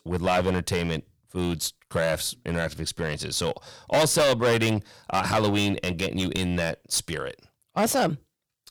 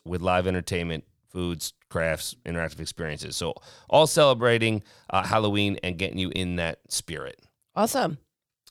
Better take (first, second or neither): second